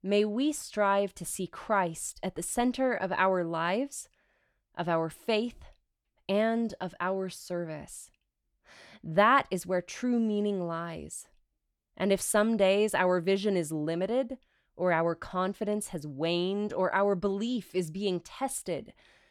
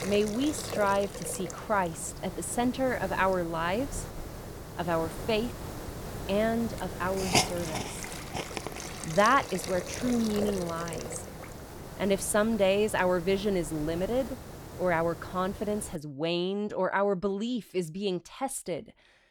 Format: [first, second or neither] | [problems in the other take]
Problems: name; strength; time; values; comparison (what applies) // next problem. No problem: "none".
first | hiss; loud; until 16 s; 8 dB below the speech